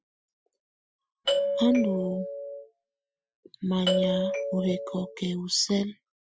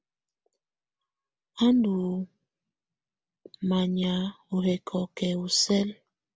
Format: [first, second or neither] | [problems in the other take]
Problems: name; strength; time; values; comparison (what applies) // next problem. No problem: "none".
second | noise reduction (classical method Wiener filter)